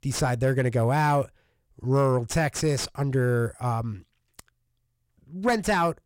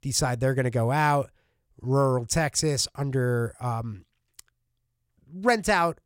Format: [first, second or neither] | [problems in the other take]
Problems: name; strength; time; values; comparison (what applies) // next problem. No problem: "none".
second | distortion; slight; 10 dB below the speech